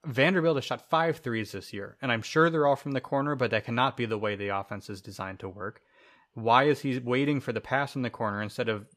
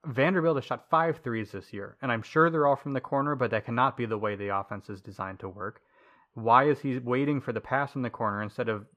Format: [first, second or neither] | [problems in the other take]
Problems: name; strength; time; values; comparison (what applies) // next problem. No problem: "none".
first | muffled; slightly; fading above 2.5 kHz